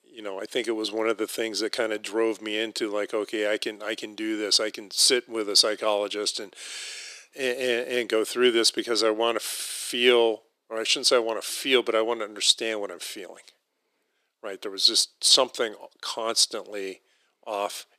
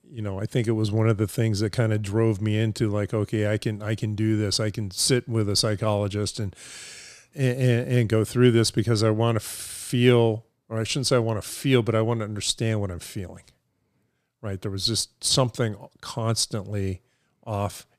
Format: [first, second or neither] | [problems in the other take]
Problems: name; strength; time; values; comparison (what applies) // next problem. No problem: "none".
second | thin; very; fading below 350 Hz